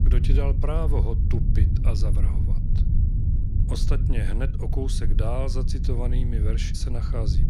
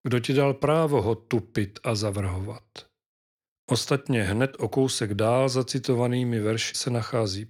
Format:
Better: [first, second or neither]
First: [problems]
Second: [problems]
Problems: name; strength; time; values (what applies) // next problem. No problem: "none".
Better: second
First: low rumble; loud; throughout; 5 dB below the speech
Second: none